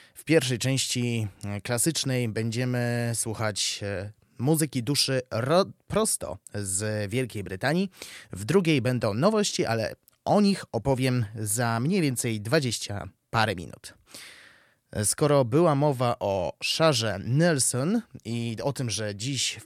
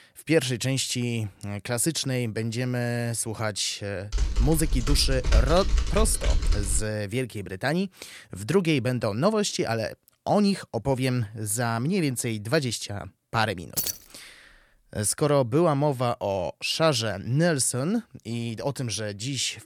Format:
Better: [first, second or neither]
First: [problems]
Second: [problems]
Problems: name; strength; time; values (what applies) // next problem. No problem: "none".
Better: first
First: none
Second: keyboard typing; loud; from 4 to 7 s; peak 1 dB above the speech // jangling keys; noticeable; at 14 s; peak 1 dB below the speech